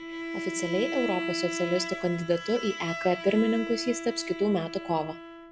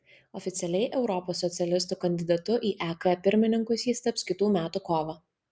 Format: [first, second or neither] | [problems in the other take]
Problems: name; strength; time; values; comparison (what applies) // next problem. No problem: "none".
second | background sound (Bowed string instrument); 7 dB below the speech